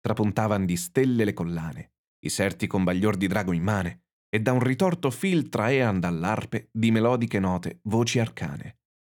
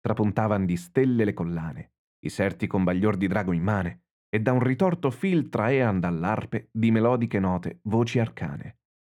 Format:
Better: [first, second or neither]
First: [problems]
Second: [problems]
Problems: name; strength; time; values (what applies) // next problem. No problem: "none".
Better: first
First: none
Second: muffled; slightly; fading above 3 kHz